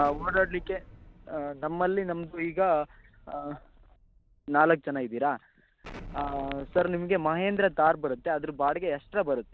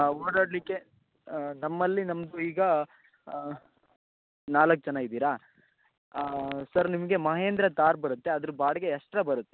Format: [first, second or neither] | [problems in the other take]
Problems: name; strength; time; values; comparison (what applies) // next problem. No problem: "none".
second | background sound (Explosion); 19 dB below the speech